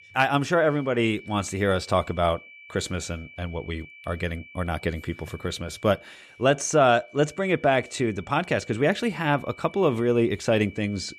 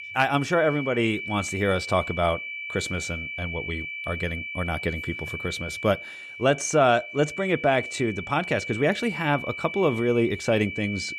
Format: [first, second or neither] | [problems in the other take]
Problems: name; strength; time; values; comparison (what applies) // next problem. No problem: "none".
first | high-pitched whine; loud; throughout; 2.5 kHz, 7 dB below the speech; faint in the first